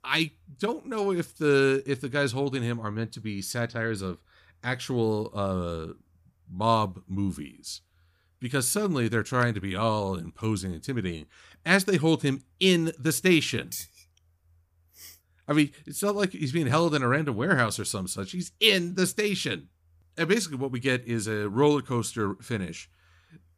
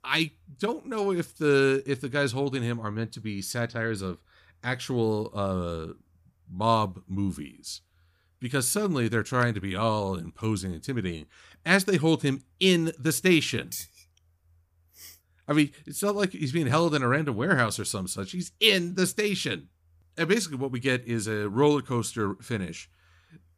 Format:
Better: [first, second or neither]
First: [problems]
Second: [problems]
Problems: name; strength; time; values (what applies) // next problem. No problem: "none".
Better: neither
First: none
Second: none